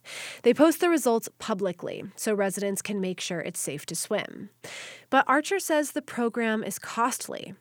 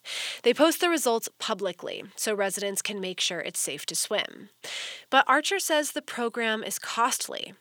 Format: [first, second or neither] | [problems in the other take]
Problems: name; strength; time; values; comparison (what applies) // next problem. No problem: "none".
first | thin; very slightly; fading below 1 kHz